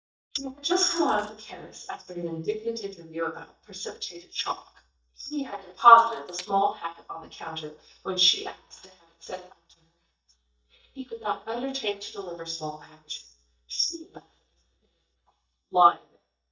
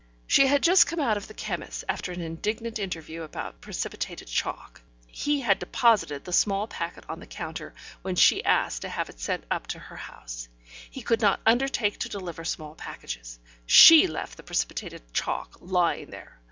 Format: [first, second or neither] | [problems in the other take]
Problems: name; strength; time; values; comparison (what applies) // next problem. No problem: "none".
second | noise reduction (neural mask model DeepFilterNet 3)